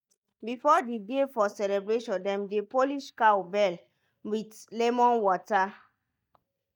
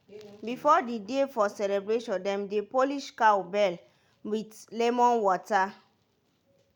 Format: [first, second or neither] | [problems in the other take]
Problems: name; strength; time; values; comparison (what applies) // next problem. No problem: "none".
second | noise reduction (neural mask model DeepFilterNet 3)